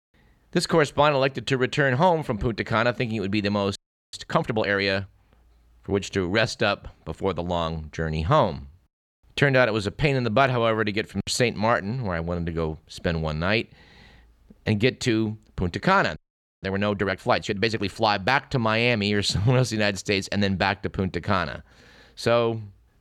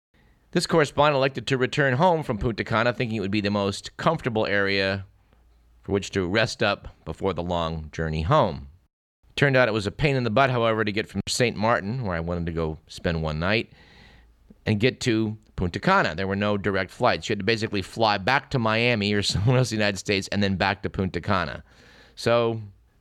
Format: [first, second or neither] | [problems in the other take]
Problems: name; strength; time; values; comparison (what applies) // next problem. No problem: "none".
second | audio freezing; at 4 s and at 16 s